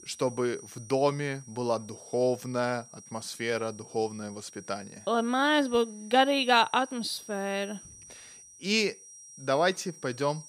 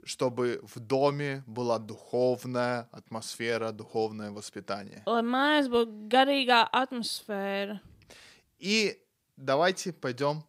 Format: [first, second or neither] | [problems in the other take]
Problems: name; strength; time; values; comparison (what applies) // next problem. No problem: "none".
second | high-pitched whine; noticeable; throughout; 6 kHz, 20 dB below the speech